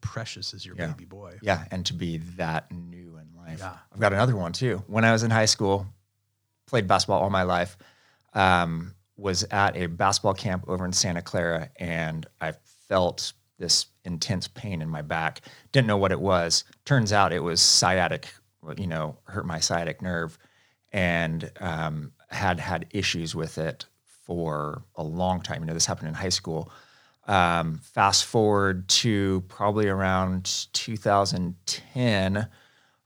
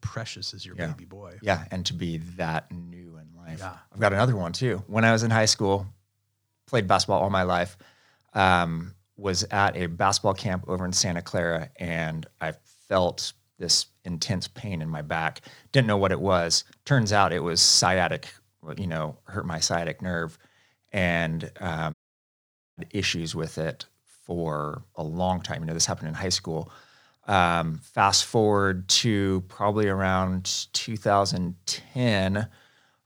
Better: first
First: none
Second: audio cutting out; at 22 s for 1 s

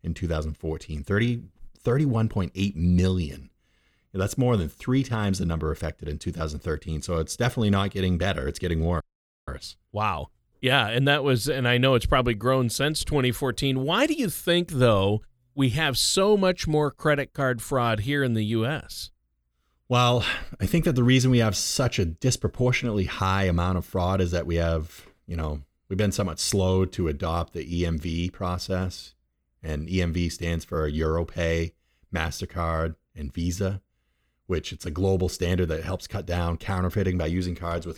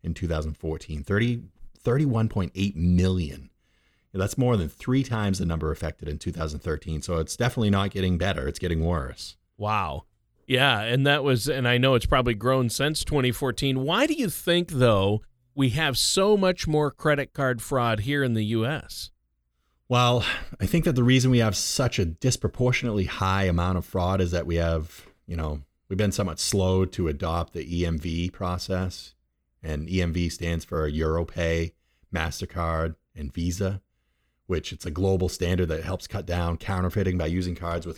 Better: second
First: audio freezing; at 9 s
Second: none

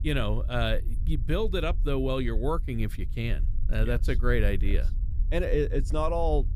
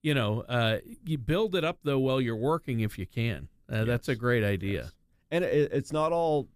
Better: second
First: low rumble; faint; throughout; 20 dB below the speech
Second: none

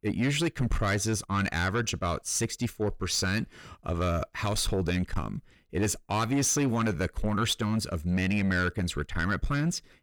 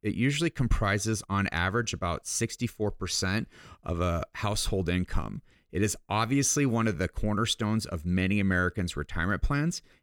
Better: second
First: distortion; slight; 10 dB below the speech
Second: none

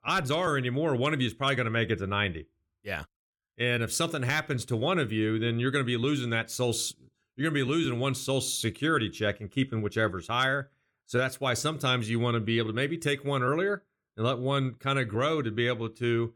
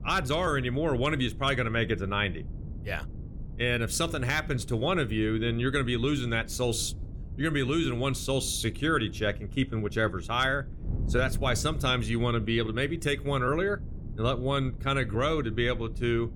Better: first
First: none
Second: wind noise on the microphone; occasional gusts; 20 dB below the speech

